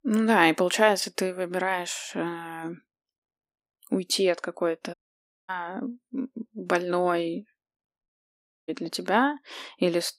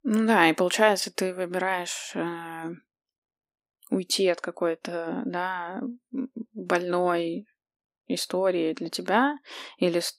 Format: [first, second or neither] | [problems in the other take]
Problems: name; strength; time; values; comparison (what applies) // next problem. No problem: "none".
second | audio cutting out; at 5 s for 0.5 s and at 8 s for 0.5 s